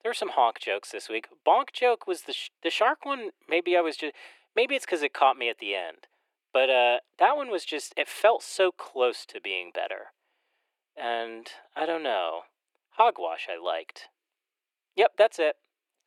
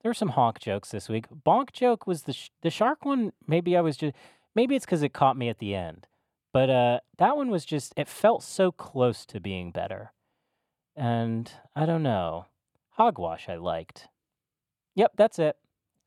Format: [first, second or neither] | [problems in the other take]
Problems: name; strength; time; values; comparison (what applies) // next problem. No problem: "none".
second | thin; very; fading below 350 Hz